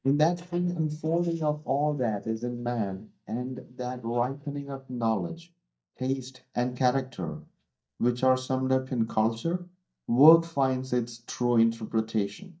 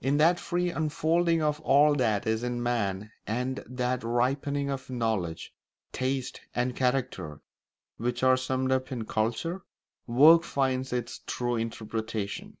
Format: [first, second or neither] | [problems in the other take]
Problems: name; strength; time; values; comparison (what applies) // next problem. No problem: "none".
second | noise reduction (neural mask model DeepFilterNet 3)